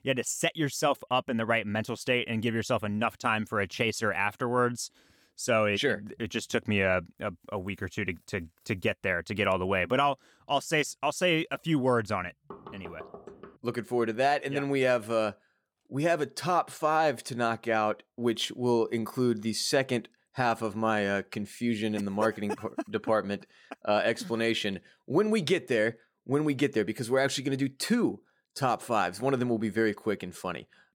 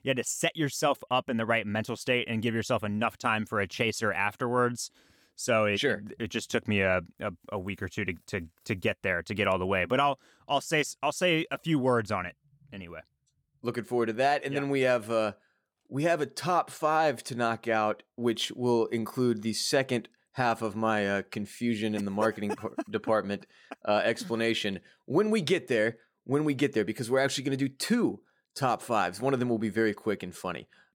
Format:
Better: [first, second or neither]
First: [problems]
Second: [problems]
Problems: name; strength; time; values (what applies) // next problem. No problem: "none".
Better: second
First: door banging; faint; from 13 to 14 s; peak 15 dB below the speech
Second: none